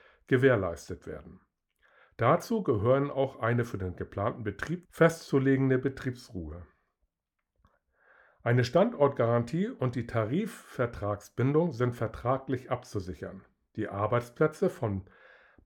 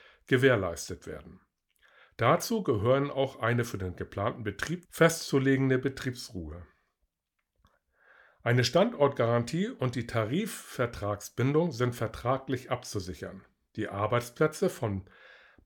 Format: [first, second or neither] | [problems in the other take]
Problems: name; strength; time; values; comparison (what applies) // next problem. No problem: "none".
second | muffled; slightly; fading above 2 kHz